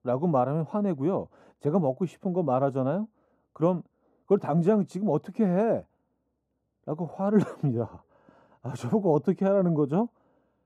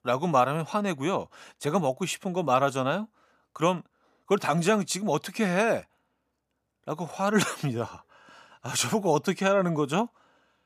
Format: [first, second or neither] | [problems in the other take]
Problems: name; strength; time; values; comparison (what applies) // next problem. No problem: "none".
second | muffled; very; fading above 1 kHz